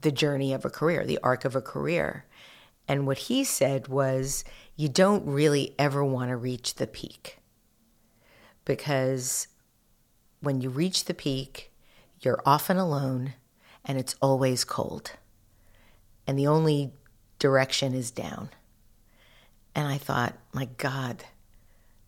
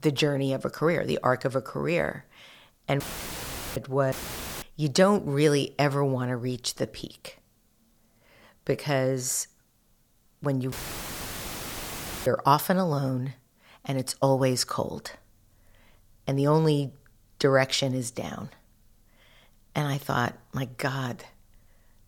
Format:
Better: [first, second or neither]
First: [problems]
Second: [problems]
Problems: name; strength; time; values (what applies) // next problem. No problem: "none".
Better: first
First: none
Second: audio cutting out; filled with static; at 3 s for 1 s, at 4 s for 0.5 s and at 11 s for 1.5 s